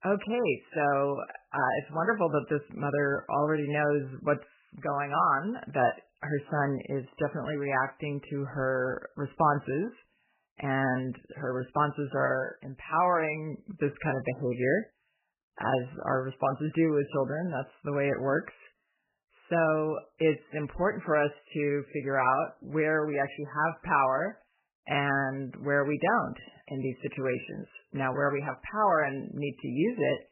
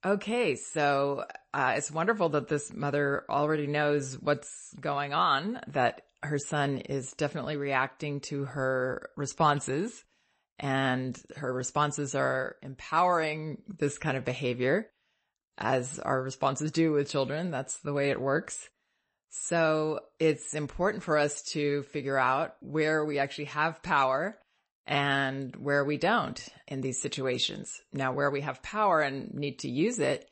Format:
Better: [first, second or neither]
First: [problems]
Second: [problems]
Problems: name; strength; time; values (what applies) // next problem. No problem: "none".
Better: second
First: garbled, watery; badly; nothing above 3 kHz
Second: garbled, watery; slightly; nothing above 8 kHz